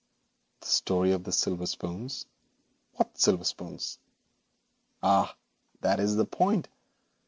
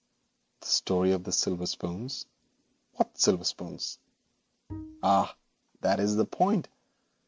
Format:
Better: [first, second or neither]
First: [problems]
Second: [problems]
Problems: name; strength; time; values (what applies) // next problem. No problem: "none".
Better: first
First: none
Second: background sound (Bowed string instrument); 14 dB below the speech